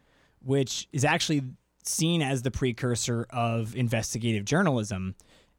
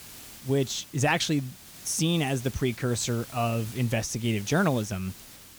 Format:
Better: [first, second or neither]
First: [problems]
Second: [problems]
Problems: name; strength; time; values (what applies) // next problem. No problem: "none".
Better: first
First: none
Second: hiss; noticeable; throughout; 15 dB below the speech